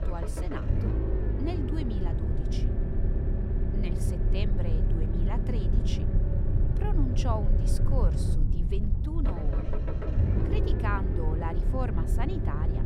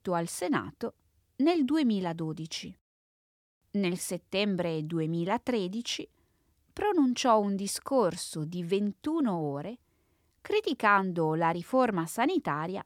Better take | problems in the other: second | low rumble; loud; throughout; 1 dB below the speech

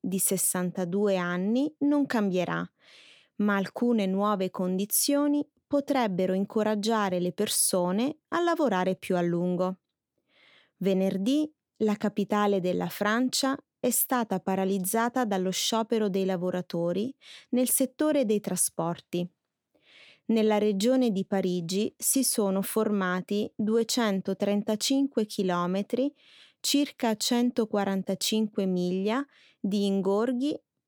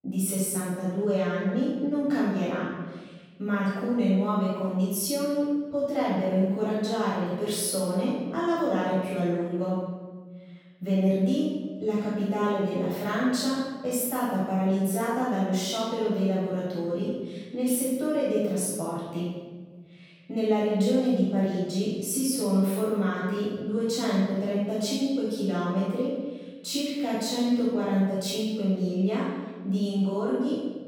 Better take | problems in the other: first | room echo; strong; dies away in 1.4 s // off-mic speech; far

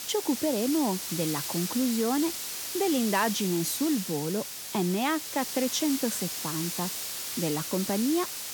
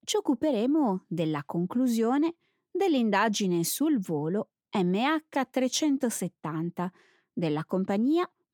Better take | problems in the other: second | hiss; loud; throughout; 3 dB below the speech

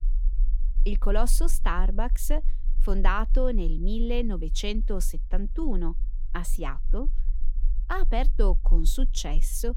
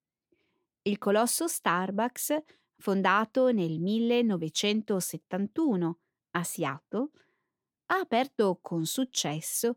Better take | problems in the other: second | low rumble; faint; throughout; 25 dB below the speech

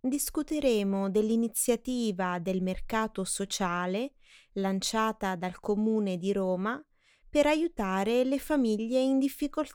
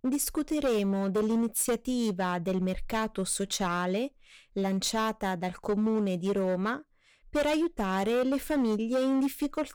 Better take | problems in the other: first | distortion; slight; 12% of the sound clipped

